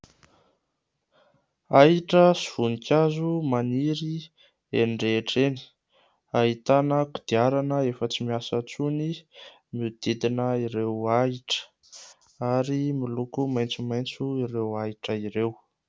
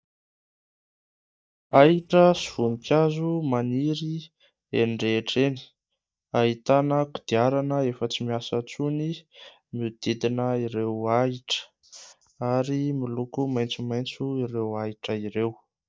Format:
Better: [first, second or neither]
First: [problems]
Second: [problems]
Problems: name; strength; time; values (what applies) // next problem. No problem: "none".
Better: first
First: none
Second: noise reduction (neural mask model DeepFilterNet 3)